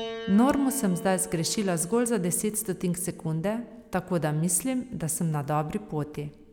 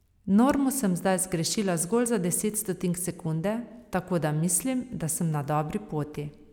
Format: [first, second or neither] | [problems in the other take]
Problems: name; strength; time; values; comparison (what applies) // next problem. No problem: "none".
second | background sound (Piano); 17 dB below the speech